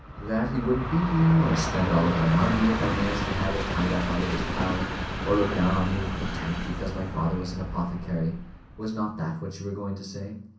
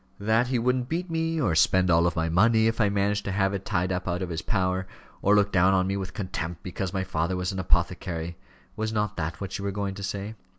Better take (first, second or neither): second